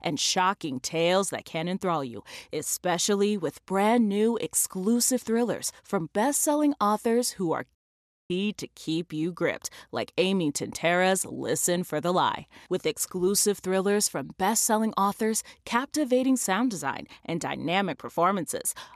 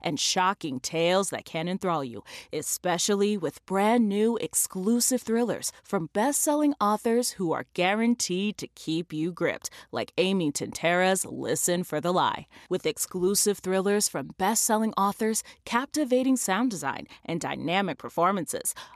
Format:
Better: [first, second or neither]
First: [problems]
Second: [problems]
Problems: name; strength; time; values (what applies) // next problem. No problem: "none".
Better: second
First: audio cutting out; at 8 s for 0.5 s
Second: none